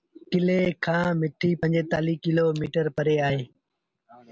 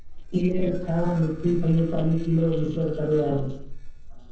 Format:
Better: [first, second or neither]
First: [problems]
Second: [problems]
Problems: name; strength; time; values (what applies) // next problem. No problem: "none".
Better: first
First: none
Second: noise reduction (neural separator model SepFormer DNS4)